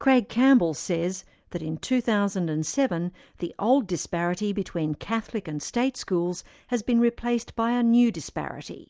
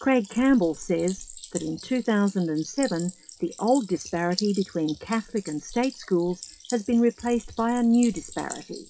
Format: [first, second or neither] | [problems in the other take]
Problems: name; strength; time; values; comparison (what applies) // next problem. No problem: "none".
first | noise reduction (classical method WPE with log-MMSE)